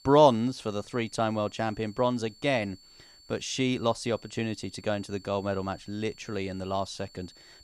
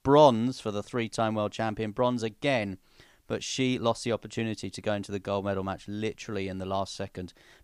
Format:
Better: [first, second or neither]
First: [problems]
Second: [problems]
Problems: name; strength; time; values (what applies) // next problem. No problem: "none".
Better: second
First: high-pitched whine; faint; throughout; 4.5 kHz, 25 dB below the speech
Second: none